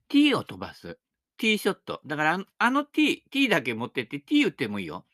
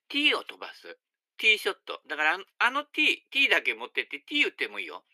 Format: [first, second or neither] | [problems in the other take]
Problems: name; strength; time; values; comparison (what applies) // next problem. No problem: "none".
first | thin; somewhat; fading below 400 Hz